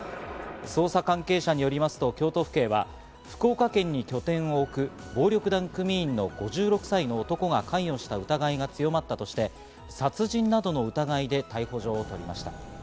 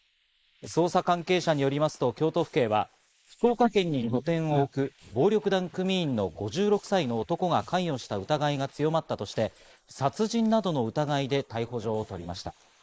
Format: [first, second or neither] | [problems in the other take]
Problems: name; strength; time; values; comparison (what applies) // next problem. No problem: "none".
first | noise reduction (neural mask model Resemble Enhance denoiser)